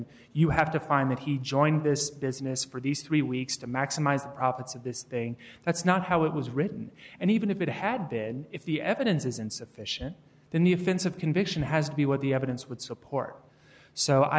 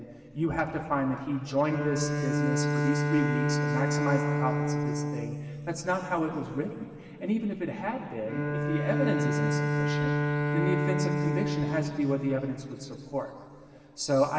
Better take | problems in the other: first | background sound (Bowed string instrument); 1 dB above the speech // room echo; dies away in 2.4 s

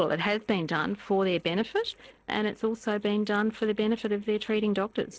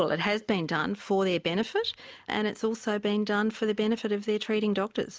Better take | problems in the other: second | noise reduction (neural separator model SepFormer DNS4)

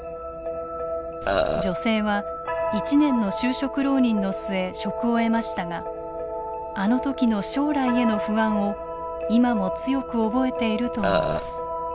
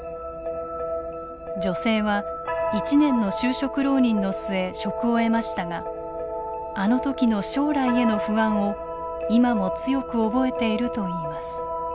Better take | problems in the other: second | background sound (Burping, eructation); as loud as the speech

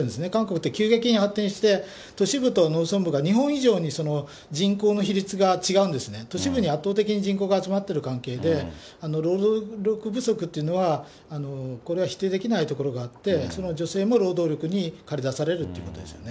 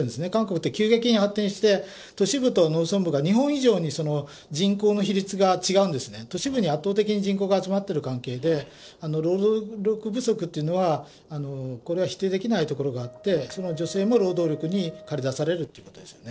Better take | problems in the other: first | noise reduction (neural separator model SepFormer DNS4)

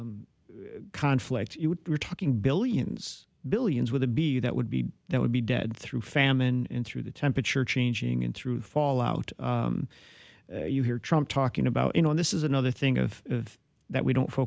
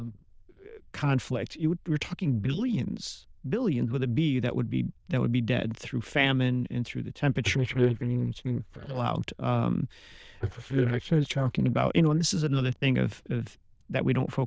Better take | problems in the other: first | noise reduction (neural diffusion model UNIVERSE++)

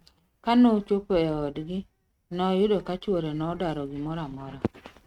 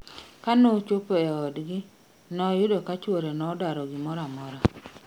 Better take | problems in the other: second | noise reduction (neural mask model RNNoise)

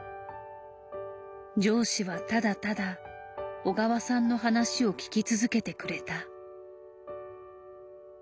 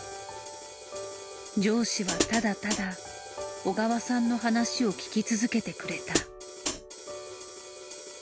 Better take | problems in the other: first | background sound (Hi-hat); 7 dB below the speech

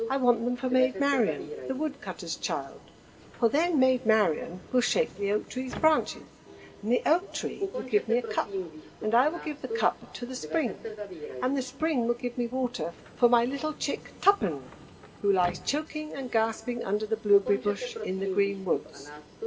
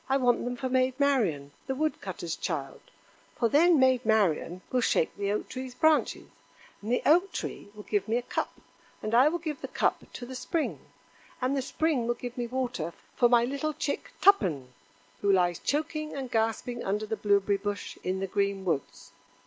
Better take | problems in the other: second | background sound (Subway, metro, underground); 12 dB below the speech // room echo; dies away in 1.9 s

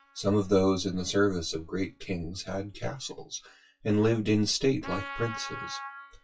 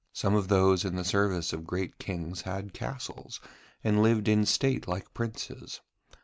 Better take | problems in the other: second | noise reduction (classical method WPE with log-MMSE)

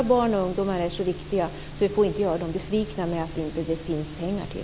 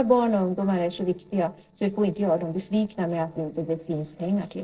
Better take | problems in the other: first | noise reduction (neural separator model SepFormer DNS4)

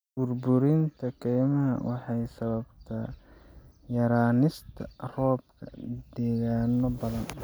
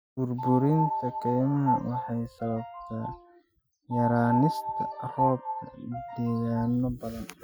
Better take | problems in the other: first | noise reduction (classical method Wiener filter)

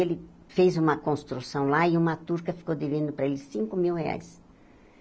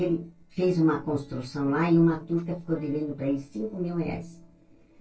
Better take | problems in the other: first | noise reduction (neural separator model SepFormer DNS4)

